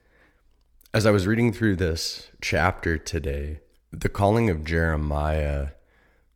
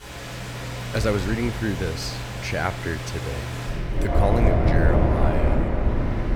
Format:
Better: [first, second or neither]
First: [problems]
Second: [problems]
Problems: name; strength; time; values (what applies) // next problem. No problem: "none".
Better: first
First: none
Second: rain or running water; very loud; throughout; 2 dB above the speech